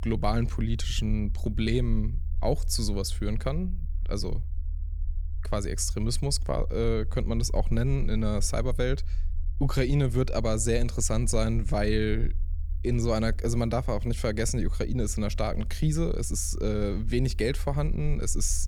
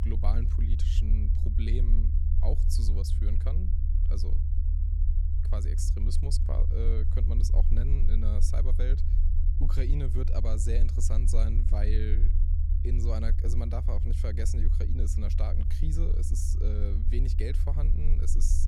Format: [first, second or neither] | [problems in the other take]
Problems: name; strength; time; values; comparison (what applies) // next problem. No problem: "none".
first | low rumble; loud; throughout; 5 dB below the speech; faint in the first